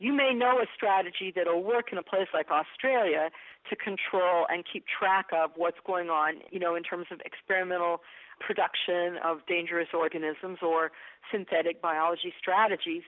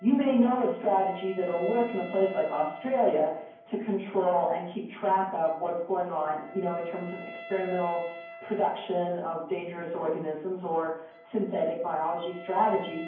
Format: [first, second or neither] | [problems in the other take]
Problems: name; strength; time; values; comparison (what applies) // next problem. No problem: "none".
first | background sound (Wind instrument, woodwind instrument); 18 dB below the speech // room echo; dies away in 0.9 s